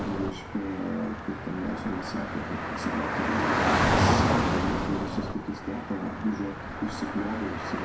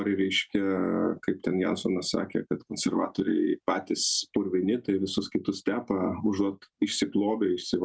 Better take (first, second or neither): second